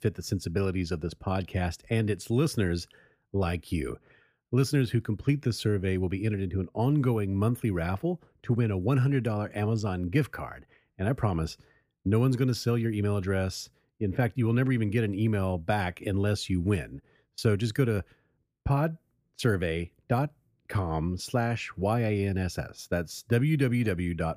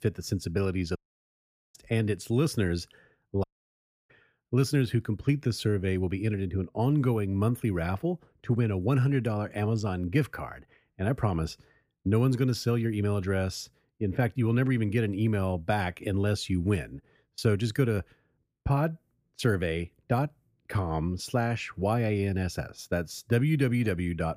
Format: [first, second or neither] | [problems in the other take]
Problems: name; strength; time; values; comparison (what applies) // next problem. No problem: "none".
first | audio cutting out; at 1 s for 1 s and at 3.5 s for 0.5 s